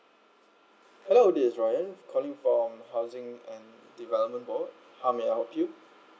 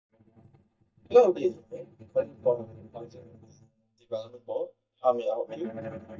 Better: first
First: none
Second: noise reduction (neural mask model DeepFilterNet 3)

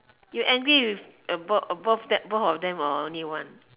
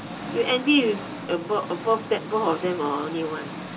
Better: first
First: none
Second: background sound (Engine); 10 dB below the speech // room echo; dies away in 0.2 s

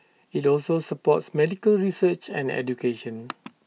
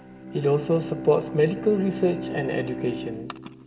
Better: first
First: none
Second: background sound (Bowed string instrument); 9 dB below the speech // room echo; dies away in 2.7 s

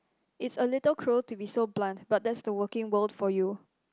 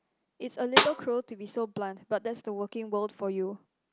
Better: first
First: none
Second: background sound (Snare drum); 3 dB above the speech

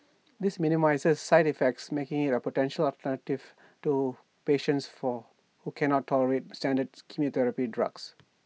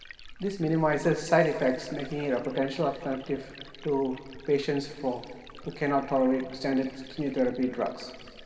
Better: first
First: none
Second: background sound (Liquid); 18 dB below the speech // room echo; dies away in 2.1 s

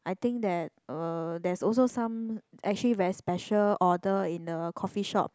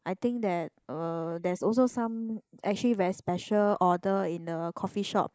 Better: first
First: none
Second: noise reduction (neural mask model Resemble Enhance denoiser)

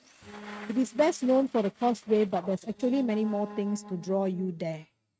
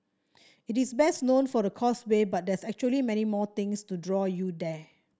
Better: second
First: noise reduction (neural mask model RNNoise)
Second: none

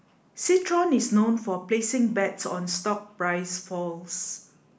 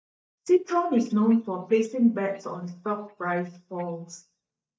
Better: first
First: none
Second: noise reduction (neural mask model DeepFilterNet 3)

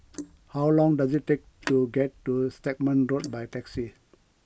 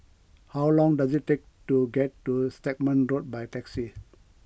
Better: second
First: noise reduction (neural mask model Resemble Enhance denoiser)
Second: none

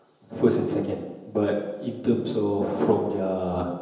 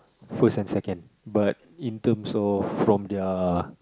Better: second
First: room echo; dies away in 1 s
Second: none

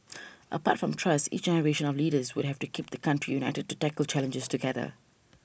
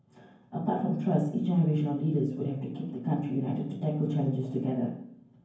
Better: first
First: none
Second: room echo; dies away in 0.9 s

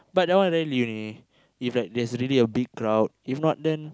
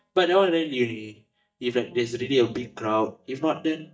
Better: first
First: none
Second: noise reduction (neural mask model DeepFilterNet 3)

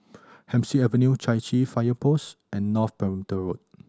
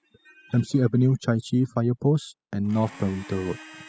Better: first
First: none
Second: noise reduction (classical method spectral subtraction)

